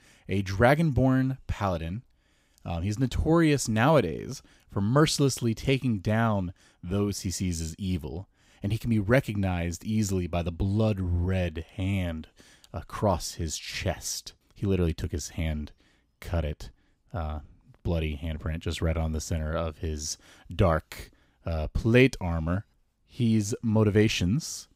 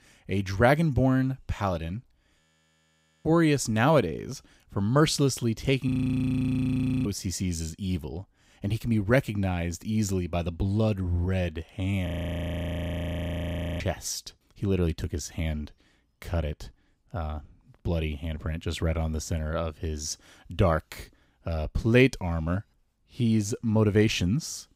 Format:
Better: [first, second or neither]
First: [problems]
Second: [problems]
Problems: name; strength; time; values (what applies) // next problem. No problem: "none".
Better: first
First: none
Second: audio freezing; at 2.5 s for 1 s, at 6 s for 1 s and at 12 s for 1.5 s